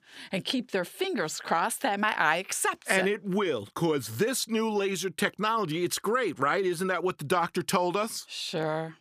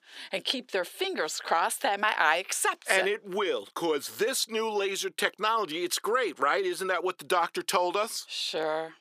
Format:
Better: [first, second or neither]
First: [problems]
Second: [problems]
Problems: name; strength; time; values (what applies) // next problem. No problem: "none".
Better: first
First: none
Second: thin; somewhat; fading below 450 Hz